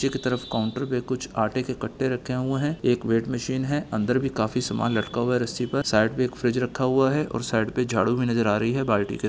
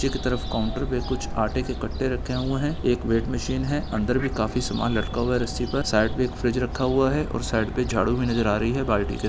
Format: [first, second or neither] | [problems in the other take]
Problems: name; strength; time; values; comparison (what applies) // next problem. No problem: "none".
first | background sound (Fowl); 6 dB below the speech